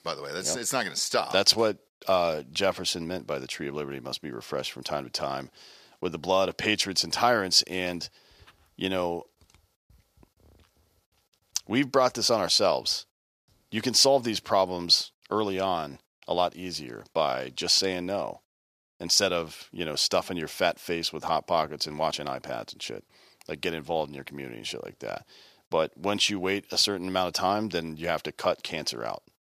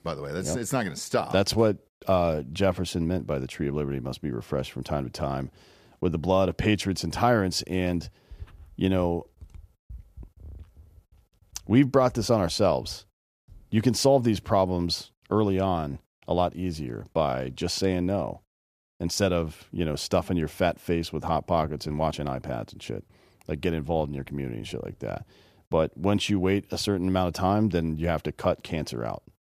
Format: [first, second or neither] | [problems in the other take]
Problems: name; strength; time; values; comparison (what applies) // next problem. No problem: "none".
second | thin; somewhat; fading below 750 Hz